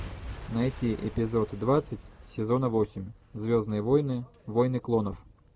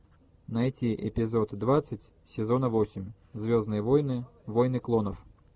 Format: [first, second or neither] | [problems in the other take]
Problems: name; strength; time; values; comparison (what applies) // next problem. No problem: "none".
second | background sound (Shatter / Crushing / Boom); 17 dB below the speech